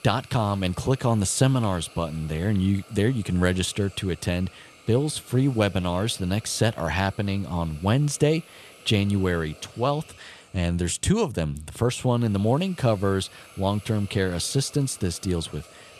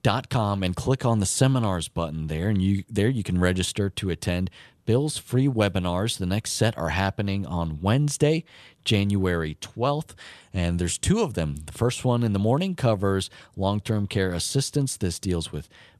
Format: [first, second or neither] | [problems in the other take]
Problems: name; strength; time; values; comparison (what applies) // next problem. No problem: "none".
second | hiss; faint; throughout; 25 dB below the speech